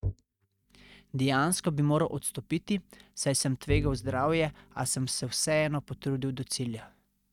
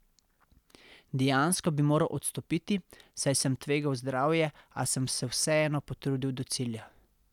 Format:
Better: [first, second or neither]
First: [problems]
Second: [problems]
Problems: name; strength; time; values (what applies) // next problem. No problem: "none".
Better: second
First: noise reduction (neural mask model RNNoise)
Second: none